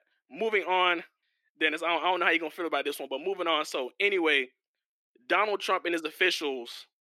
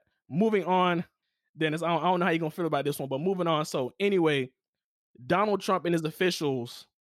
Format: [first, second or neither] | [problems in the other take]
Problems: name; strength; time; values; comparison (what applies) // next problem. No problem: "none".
second | thin; very; fading below 300 Hz